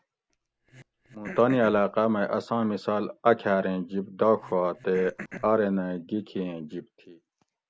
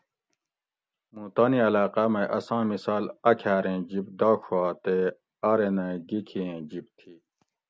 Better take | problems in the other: second | background sound (Cough); 17 dB below the speech

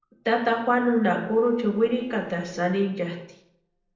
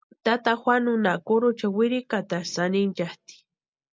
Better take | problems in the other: second | noise reduction (neural separator model SepFormer DNS4)

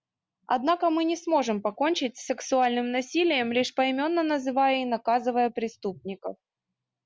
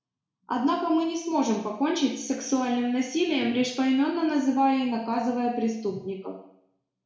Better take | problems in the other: first | room echo; dies away in 0.6 s

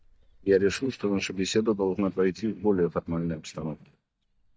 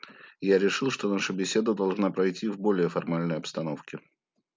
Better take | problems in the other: second | noise reduction (neural mask model DeepFilterNet 3)

